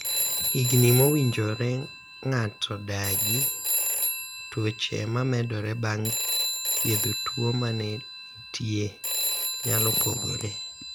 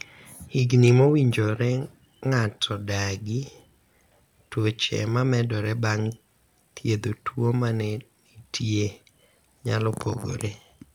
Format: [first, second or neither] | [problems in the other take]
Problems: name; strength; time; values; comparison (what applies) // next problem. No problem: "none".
second | background sound (Telephone); 2 dB below the speech